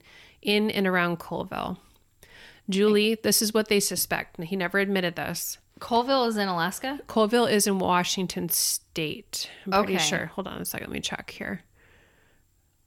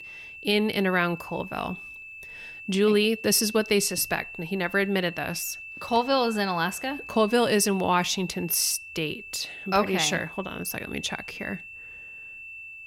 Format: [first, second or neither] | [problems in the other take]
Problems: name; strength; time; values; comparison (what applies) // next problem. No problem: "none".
first | high-pitched whine; noticeable; throughout; 2.5 kHz, 15 dB below the speech